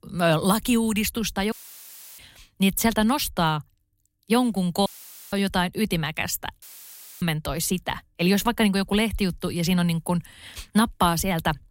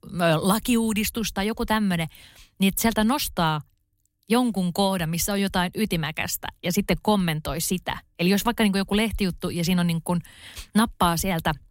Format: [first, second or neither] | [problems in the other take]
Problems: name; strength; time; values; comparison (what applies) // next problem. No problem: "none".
second | audio cutting out; filled with static; at 1.5 s for 0.5 s, at 5 s and at 6.5 s for 0.5 s